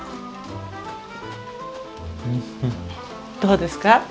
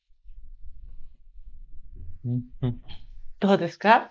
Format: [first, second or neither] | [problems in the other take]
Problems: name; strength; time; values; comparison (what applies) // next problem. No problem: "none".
first | noise reduction (neural mask model Resemble Enhance denoiser)